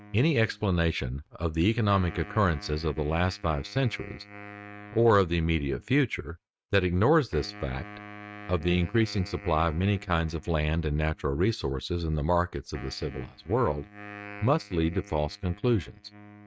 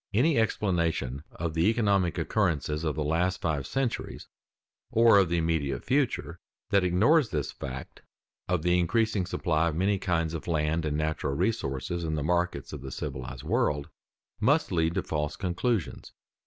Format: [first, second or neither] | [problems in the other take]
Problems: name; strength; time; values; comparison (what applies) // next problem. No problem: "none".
second | noise reduction (neural mask model RNNoise)